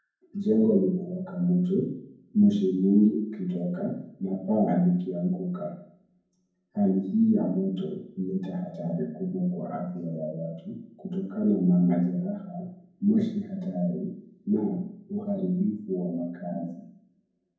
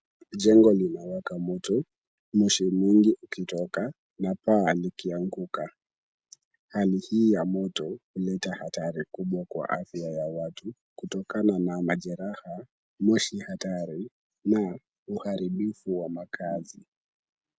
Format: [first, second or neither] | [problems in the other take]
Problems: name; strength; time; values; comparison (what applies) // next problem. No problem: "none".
second | room echo; dies away in 0.9 s